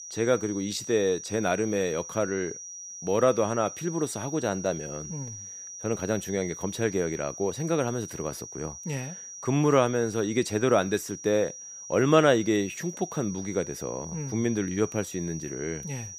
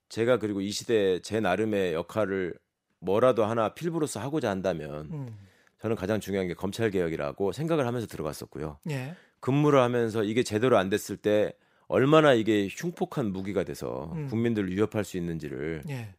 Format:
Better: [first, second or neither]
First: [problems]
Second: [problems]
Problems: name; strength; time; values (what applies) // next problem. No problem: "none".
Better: second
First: high-pitched whine; noticeable; throughout; 6 kHz, 10 dB below the speech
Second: none